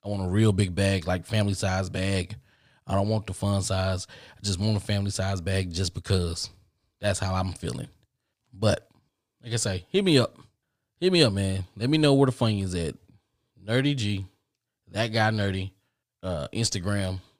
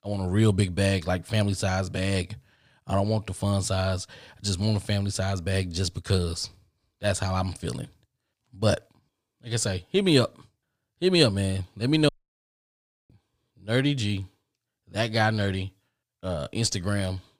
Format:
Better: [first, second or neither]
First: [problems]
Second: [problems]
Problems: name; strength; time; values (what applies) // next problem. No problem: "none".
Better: first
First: none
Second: audio cutting out; at 12 s for 1 s